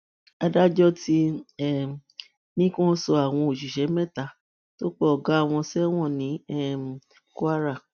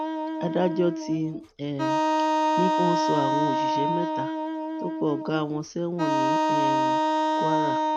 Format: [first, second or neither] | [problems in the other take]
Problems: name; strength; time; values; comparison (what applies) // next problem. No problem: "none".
first | background sound (Wind instrument, woodwind instrument); 4 dB above the speech